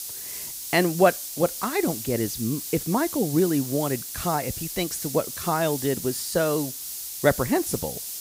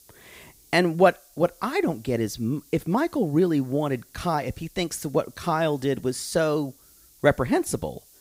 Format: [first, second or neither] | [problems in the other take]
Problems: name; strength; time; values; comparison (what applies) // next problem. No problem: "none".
second | hiss; loud; throughout; 6 dB below the speech; faint in the second